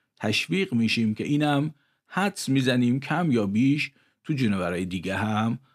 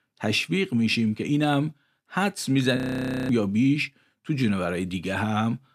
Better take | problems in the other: first | audio freezing; at 3 s for 0.5 s

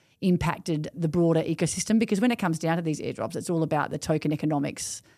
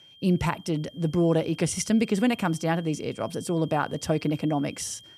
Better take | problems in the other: first | high-pitched whine; faint; throughout; 3 kHz, 20 dB below the speech

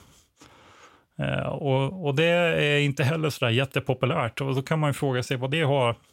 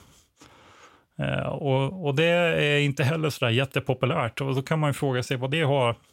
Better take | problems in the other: neither | none

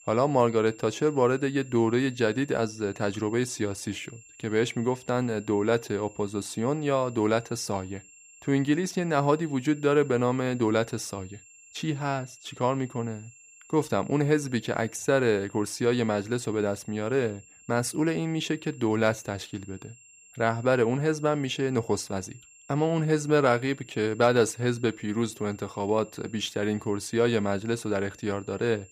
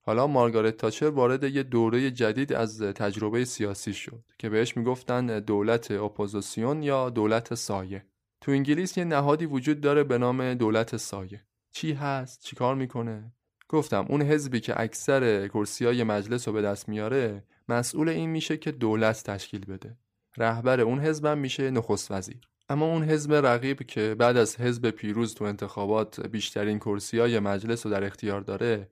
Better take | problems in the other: second | high-pitched whine; faint; throughout; 7.5 kHz, 25 dB below the speech

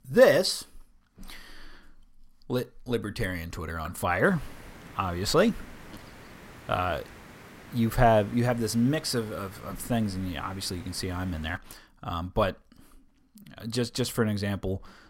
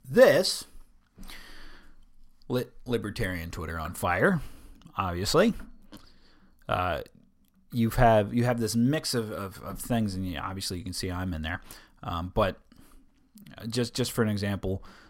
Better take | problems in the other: second | hiss; faint; from 4 to 12 s; 20 dB below the speech

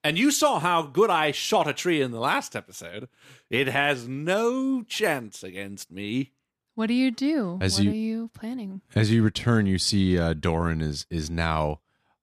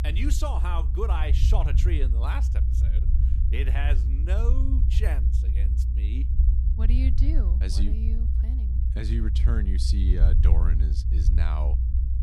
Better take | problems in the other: first | low rumble; loud; throughout; 6 dB below the speech

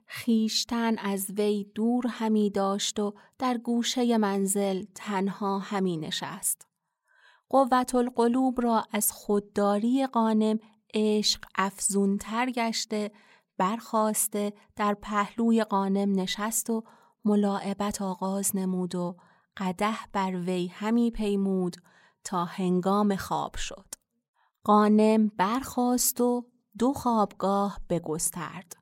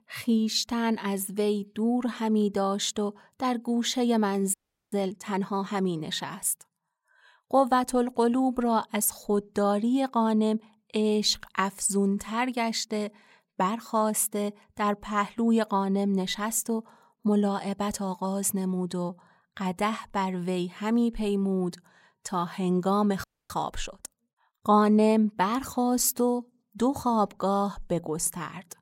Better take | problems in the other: first | audio freezing; at 4.5 s and at 23 s

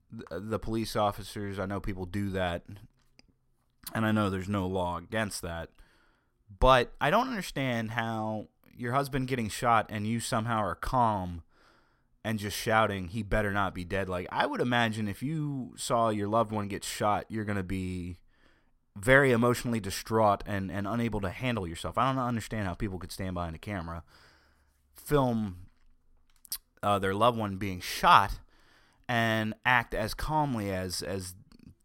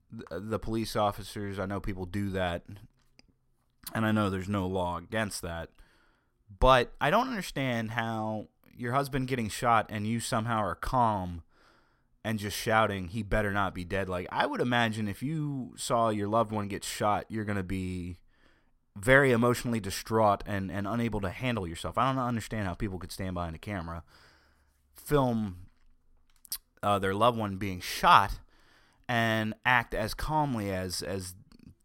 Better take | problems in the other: neither | none

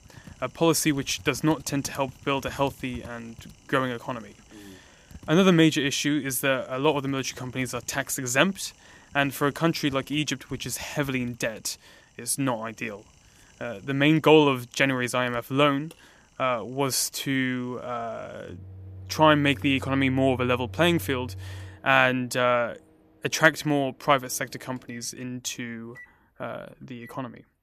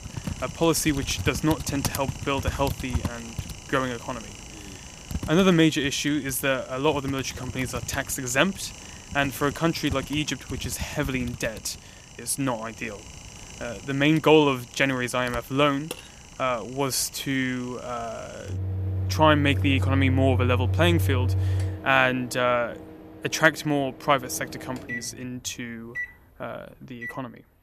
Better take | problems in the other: first | household noises; loud; throughout; 7 dB below the speech; faint in the first

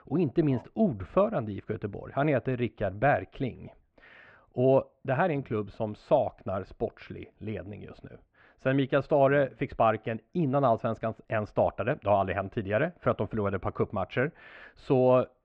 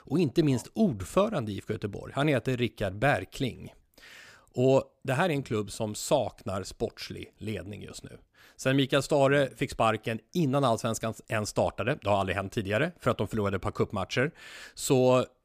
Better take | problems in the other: second | muffled; very; fading above 2.5 kHz

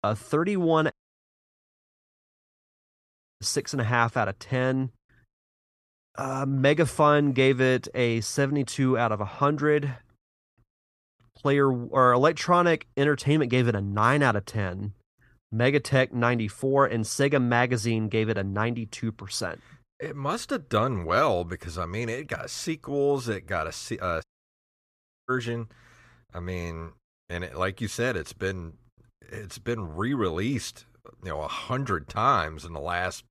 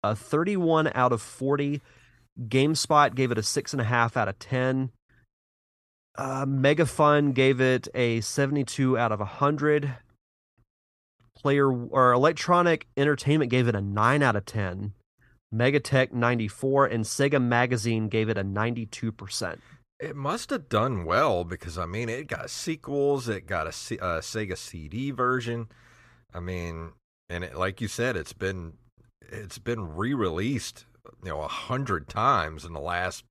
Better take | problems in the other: second | audio cutting out; at 1 s for 2.5 s and at 24 s for 1 s

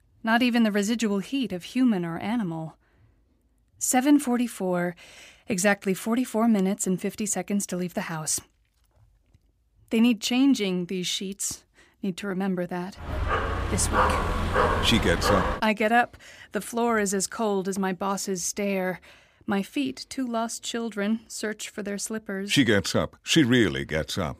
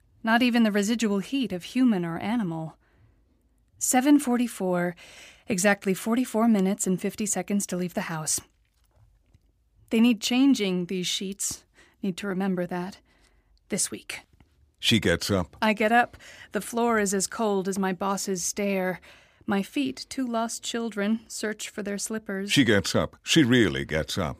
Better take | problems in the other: second | dog barking; loud; from 13 to 16 s; peak 3 dB above the speech

